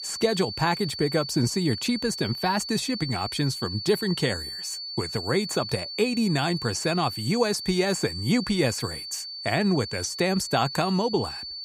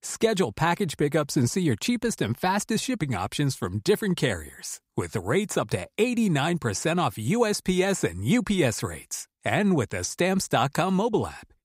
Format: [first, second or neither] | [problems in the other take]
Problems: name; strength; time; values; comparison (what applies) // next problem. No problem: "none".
second | high-pitched whine; loud; throughout; 4.5 kHz, 7 dB below the speech